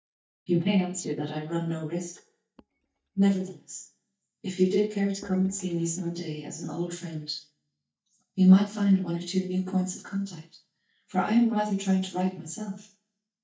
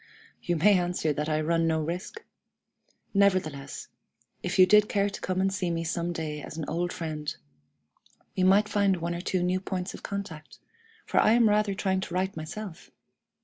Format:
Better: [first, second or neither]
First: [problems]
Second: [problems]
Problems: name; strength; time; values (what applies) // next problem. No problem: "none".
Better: second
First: noise reduction (neural mask model DeepFilterNet 3)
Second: none